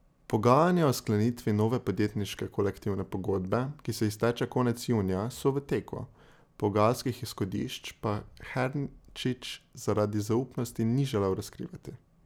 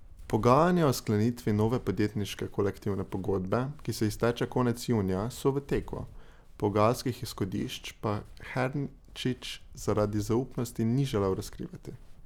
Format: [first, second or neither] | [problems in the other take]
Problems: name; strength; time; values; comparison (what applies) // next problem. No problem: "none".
first | background sound (Walk, footsteps); 17 dB below the speech